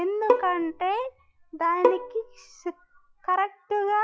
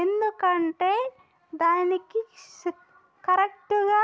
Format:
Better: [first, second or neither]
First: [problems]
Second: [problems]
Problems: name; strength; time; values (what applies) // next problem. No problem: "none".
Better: second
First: noise reduction (classical method log-MMSE)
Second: none